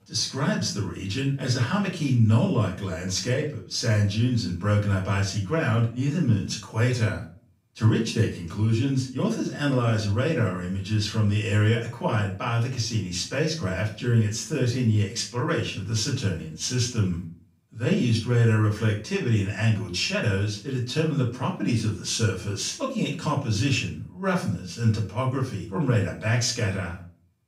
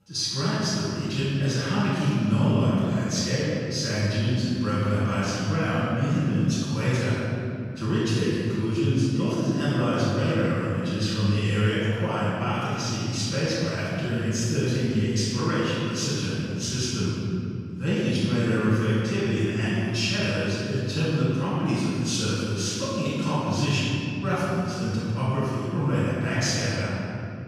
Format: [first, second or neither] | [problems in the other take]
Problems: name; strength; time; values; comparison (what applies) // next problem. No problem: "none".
first | room echo; strong; dies away in 2.7 s; slight in the first // off-mic speech; far; far in the first